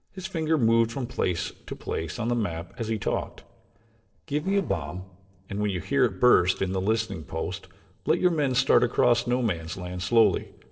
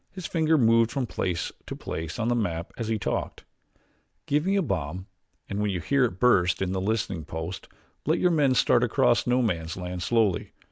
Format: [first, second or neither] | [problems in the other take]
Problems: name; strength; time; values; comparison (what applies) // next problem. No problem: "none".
second | noise reduction (neural separator model SepFormer DNS4)